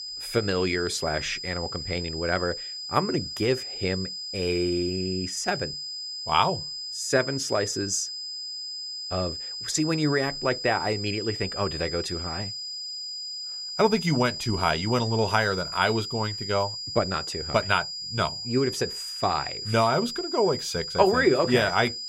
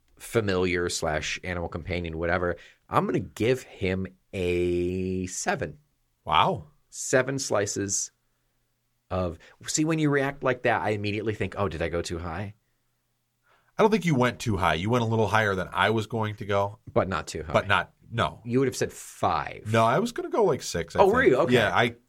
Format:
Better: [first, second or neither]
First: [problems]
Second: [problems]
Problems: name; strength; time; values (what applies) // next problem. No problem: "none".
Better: second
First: high-pitched whine; loud; throughout; 5 kHz, 6 dB below the speech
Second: none